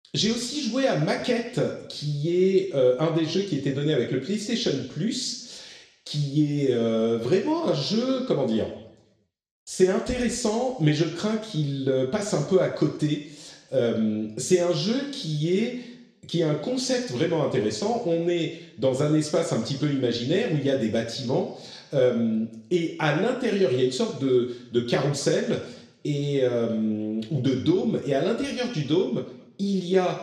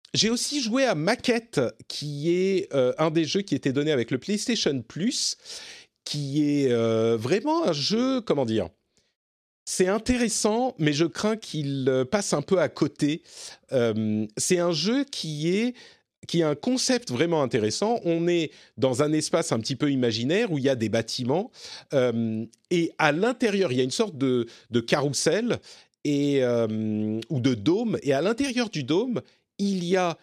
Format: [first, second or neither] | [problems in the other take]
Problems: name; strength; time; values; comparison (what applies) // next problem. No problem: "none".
second | room echo; slight; dies away in 0.8 s // off-mic speech; somewhat distant